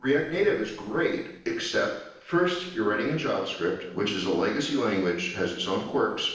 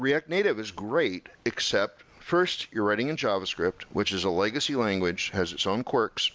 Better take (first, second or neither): second